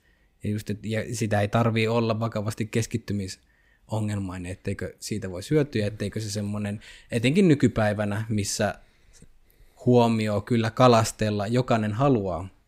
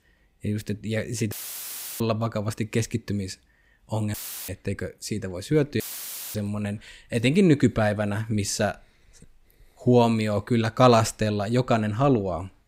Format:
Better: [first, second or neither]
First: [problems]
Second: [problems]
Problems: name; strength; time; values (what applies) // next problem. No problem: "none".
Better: first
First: none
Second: audio cutting out; filled with static; at 1.5 s for 0.5 s, at 4 s and at 6 s for 0.5 s